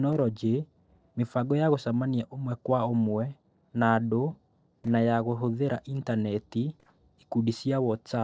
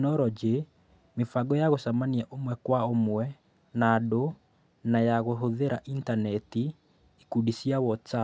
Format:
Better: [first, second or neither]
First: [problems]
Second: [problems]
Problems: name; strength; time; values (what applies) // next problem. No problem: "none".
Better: second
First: noise reduction (neural separator model SepFormer DNS4)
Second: none